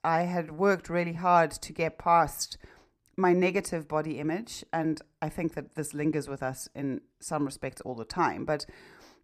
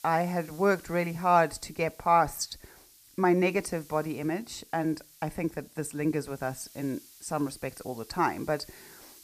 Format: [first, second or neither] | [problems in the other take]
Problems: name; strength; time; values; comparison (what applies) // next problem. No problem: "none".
first | hiss; faint; throughout; 20 dB below the speech